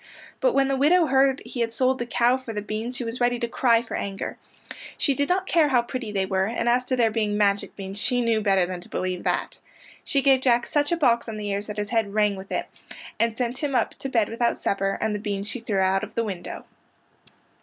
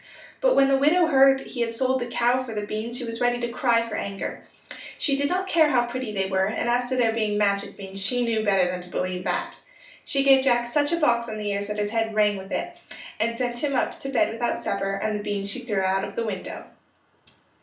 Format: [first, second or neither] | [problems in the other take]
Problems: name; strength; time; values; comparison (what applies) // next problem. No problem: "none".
first | room echo; dies away in 0.3 s